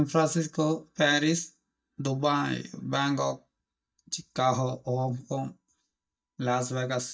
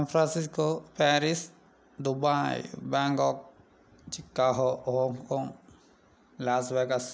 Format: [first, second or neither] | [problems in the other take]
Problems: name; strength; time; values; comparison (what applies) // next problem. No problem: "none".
second | noise reduction (neural mask model DeepFilterNet 3)